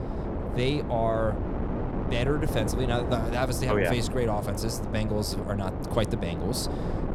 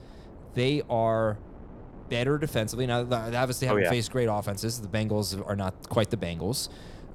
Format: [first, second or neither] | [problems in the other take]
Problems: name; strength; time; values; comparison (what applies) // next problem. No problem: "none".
second | wind noise on the microphone; heavy; 6 dB below the speech; occasional gusts in the second